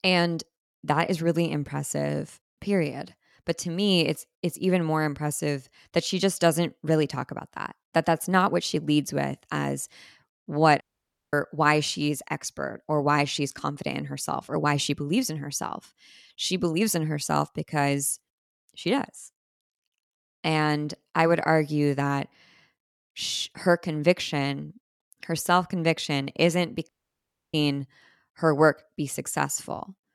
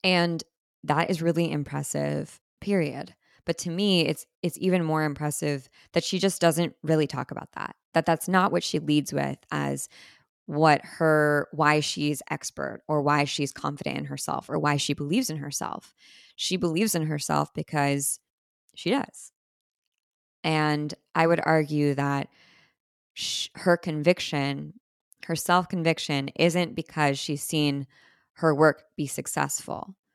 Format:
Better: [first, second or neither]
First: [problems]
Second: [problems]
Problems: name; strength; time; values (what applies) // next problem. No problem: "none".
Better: second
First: audio cutting out; at 11 s for 0.5 s and at 27 s for 0.5 s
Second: none